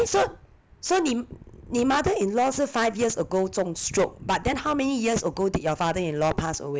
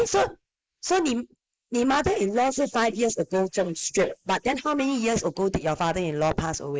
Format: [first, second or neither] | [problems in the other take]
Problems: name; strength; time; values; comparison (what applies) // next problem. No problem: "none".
first | noise reduction (neural mask model Resemble Enhance denoiser)